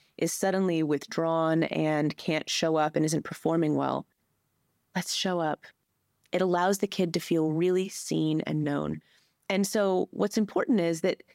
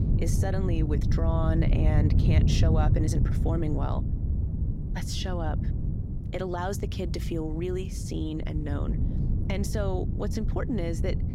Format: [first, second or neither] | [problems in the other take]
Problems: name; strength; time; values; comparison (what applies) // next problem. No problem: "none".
first | wind noise on the microphone; heavy; 6 dB below the speech